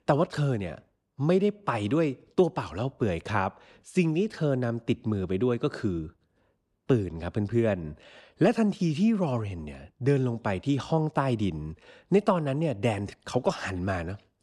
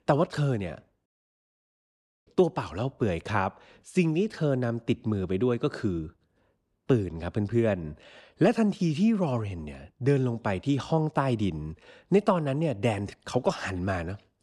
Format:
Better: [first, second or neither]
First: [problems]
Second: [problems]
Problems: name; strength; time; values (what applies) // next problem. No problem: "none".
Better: first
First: none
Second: audio cutting out; at 1 s for 1 s